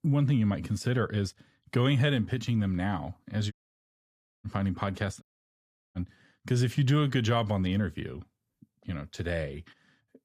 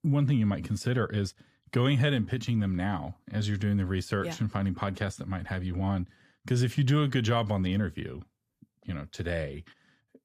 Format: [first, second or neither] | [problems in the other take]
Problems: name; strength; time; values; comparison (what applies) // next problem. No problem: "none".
second | audio cutting out; at 3.5 s for 1 s and at 5 s for 0.5 s